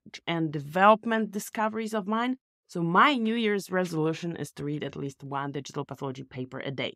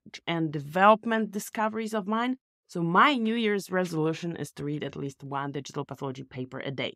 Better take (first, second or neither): neither